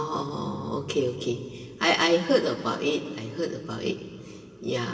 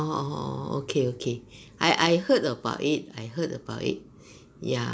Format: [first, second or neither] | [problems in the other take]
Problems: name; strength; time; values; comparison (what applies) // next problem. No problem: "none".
second | room echo; dies away in 2.3 s